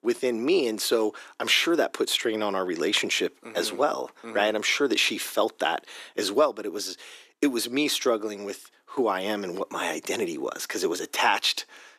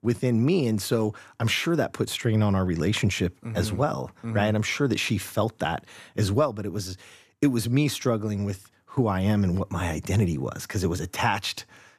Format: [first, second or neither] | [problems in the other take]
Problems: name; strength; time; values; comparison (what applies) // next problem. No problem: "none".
second | thin; somewhat; fading below 350 Hz